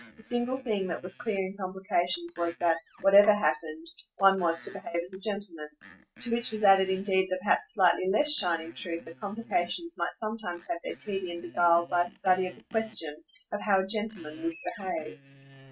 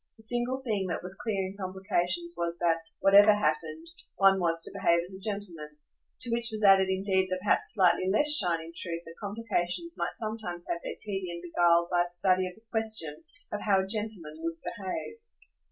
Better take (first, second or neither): second